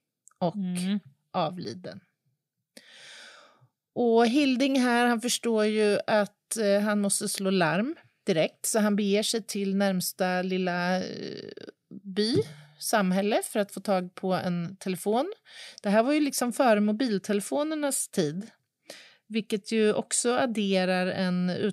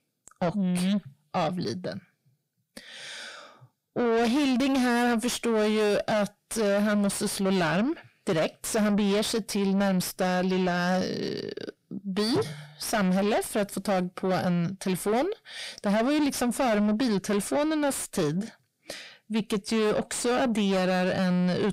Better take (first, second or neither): first